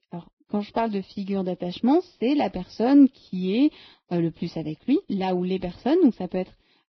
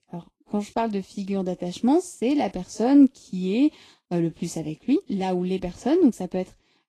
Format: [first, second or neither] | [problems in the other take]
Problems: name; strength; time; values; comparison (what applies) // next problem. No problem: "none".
second | garbled, watery; badly; nothing above 5.5 kHz; slightly in the second